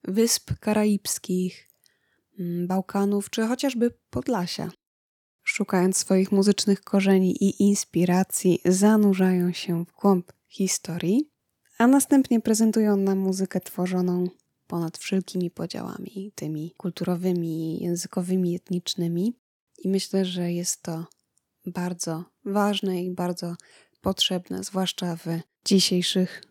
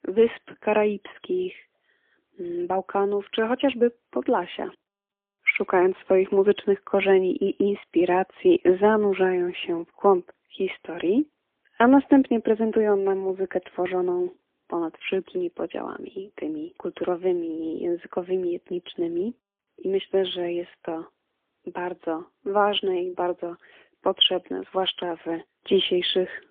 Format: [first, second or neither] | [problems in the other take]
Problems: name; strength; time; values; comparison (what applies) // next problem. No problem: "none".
first | phone-call audio; poor line; nothing above 3.5 kHz